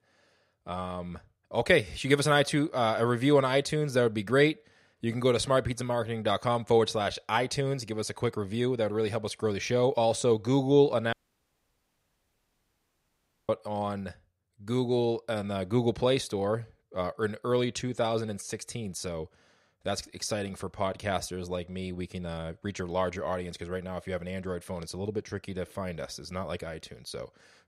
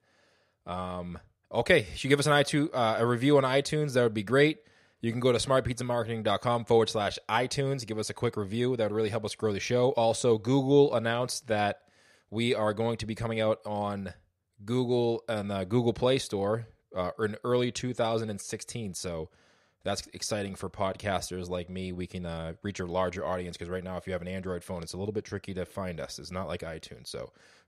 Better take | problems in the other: second | audio cutting out; at 11 s for 2.5 s

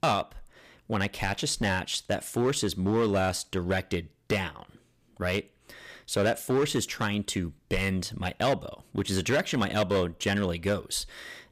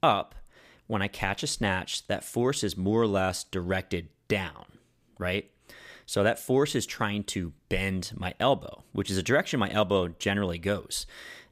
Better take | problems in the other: second | distortion; slight; 5% of the sound clipped

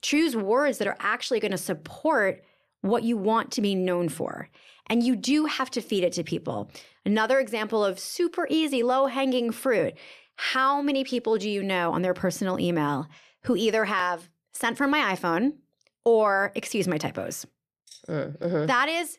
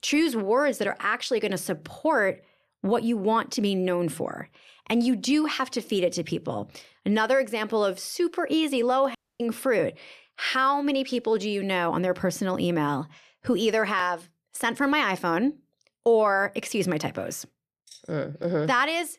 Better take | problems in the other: first | audio cutting out; at 9 s

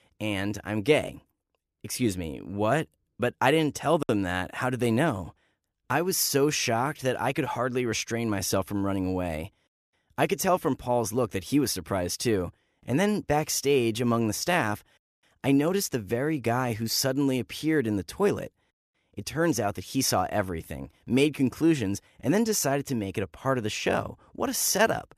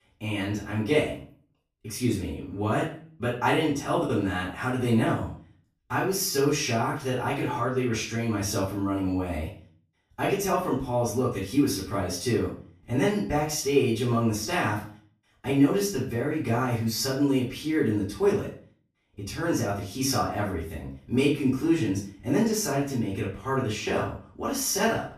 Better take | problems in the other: first | off-mic speech; far // room echo; noticeable; dies away in 0.4 s

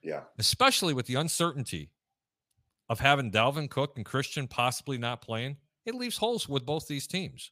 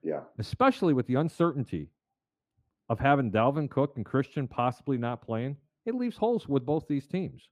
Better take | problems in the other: first | muffled; very; fading above 2.5 kHz

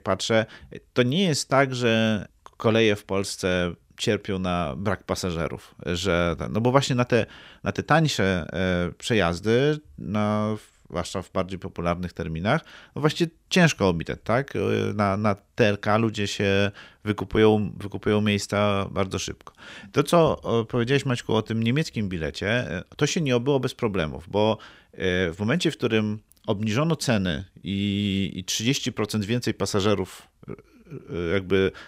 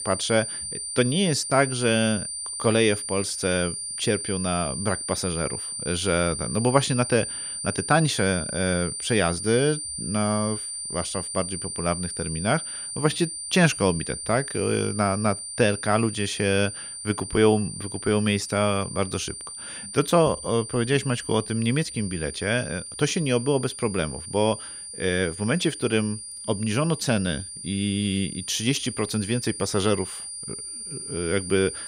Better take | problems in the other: first | high-pitched whine; loud; throughout; 9 kHz, 7 dB below the speech

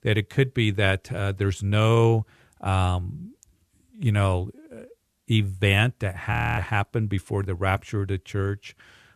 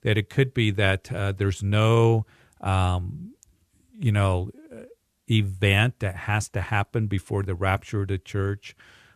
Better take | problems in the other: second | audio freezing; at 6.5 s

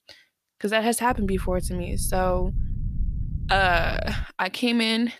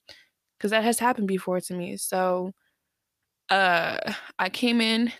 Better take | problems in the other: second | low rumble; faint; from 1 to 4 s; 25 dB below the speech

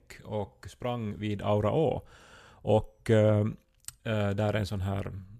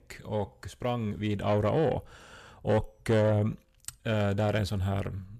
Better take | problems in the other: first | distortion; slight; 10 dB below the speech

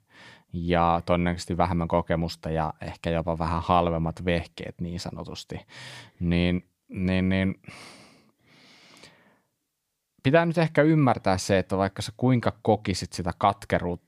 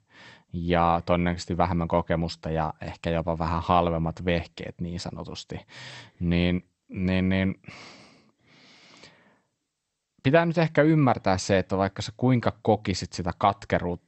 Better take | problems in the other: first | garbled, watery; slightly; nothing above 8 kHz

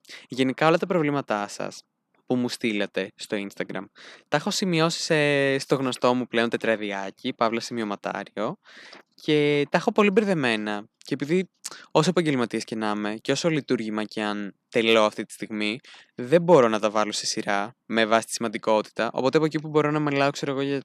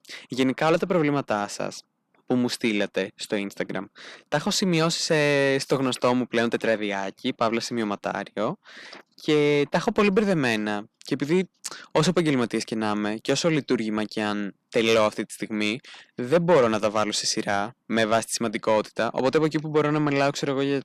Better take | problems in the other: first | distortion; slight; 10 dB below the speech

